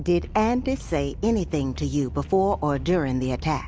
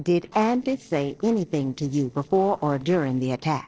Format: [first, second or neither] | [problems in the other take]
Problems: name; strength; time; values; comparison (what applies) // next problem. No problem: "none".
first | noise reduction (neural separator model SepFormer DNS4)